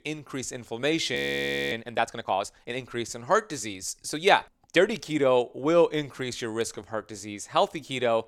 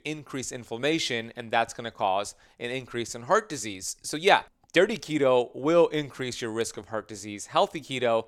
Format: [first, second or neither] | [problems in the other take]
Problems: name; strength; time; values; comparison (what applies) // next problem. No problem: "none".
second | audio freezing; at 1 s for 0.5 s